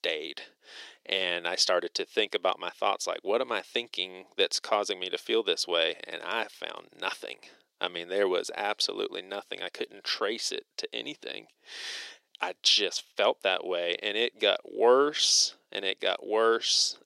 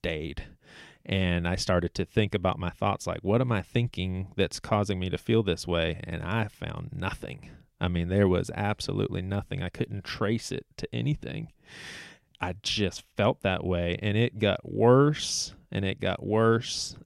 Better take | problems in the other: second | thin; very; fading below 350 Hz

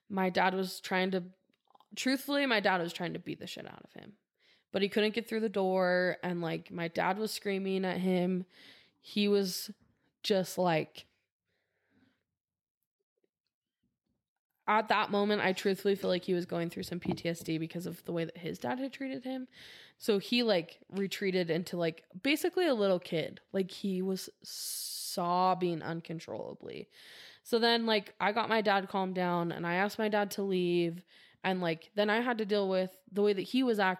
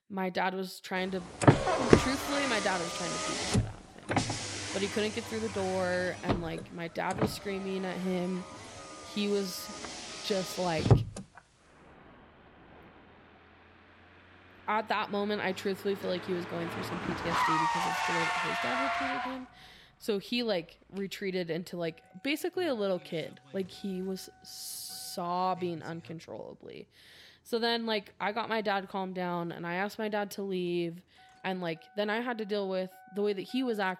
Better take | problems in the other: first | traffic noise; very loud; throughout; 2 dB above the speech

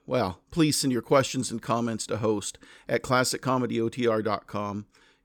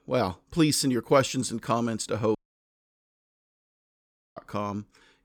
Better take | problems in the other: first | audio cutting out; at 2.5 s for 2 s

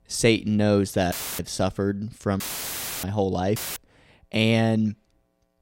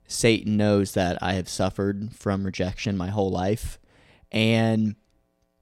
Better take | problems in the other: second | audio cutting out; filled with static; at 1 s, at 2.5 s for 0.5 s and at 3.5 s

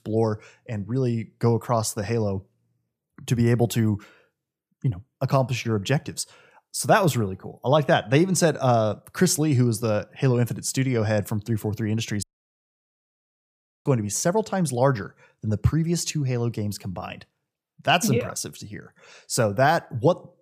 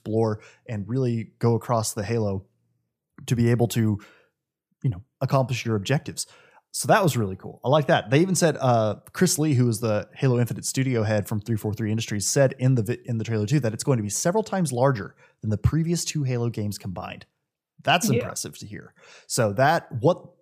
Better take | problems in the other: second | audio cutting out; at 12 s for 1.5 s

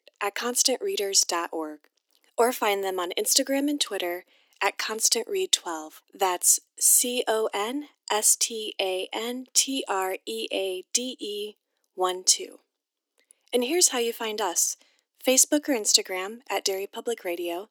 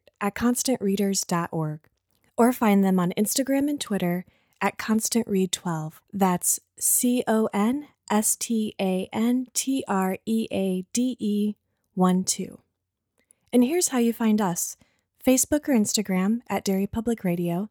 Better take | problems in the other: second | thin; somewhat; fading below 300 Hz

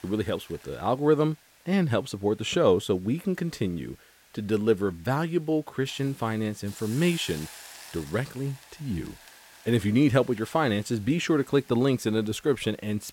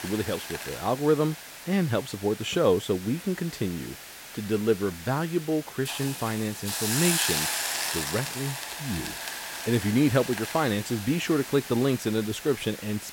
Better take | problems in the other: first | hiss; loud; throughout; 5 dB below the speech; faint in the first

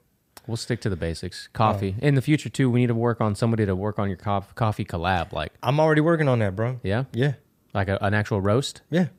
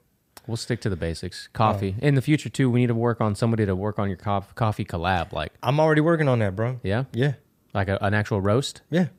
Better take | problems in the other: neither | none

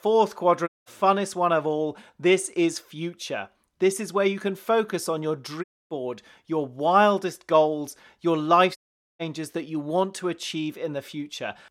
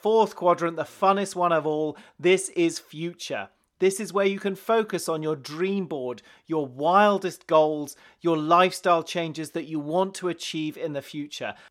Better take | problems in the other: second | audio cutting out; at 0.5 s, at 5.5 s and at 9 s

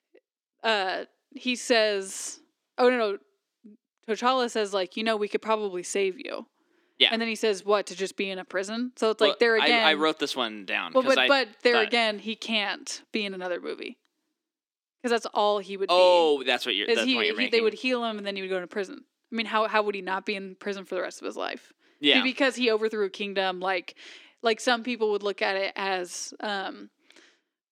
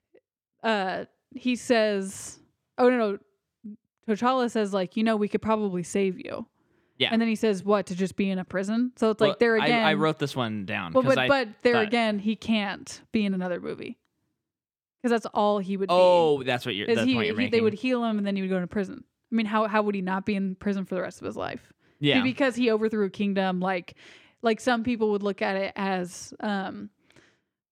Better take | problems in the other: second | thin; very slightly; fading below 300 Hz

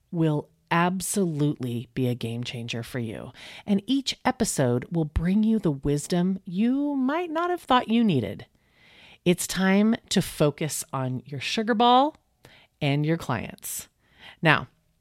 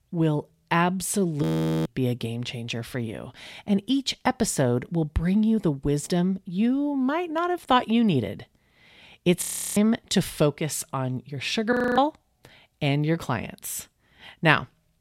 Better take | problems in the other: first | audio freezing; at 1.5 s, at 9.5 s and at 12 s

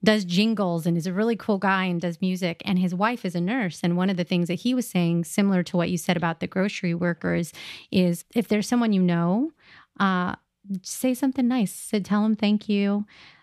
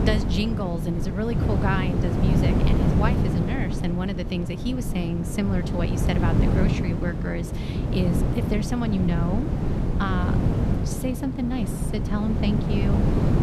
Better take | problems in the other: first | wind noise on the microphone; heavy; 1 dB below the speech

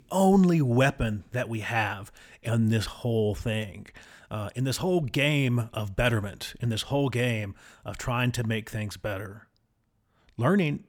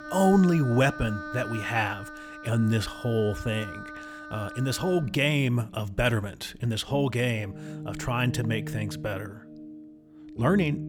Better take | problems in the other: first | background music; noticeable; throughout; 15 dB below the speech

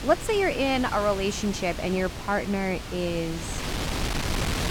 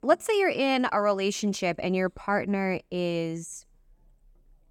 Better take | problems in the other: second | wind noise on the microphone; heavy; 7 dB below the speech

